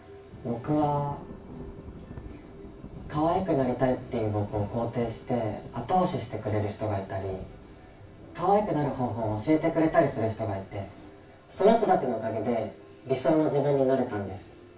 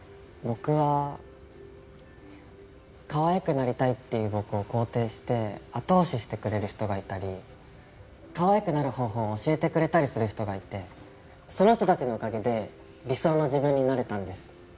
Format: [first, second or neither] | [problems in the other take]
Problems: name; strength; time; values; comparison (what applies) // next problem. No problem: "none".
second | background sound (Thunder / Rain); 18 dB below the speech // room echo; dies away in 0.3 s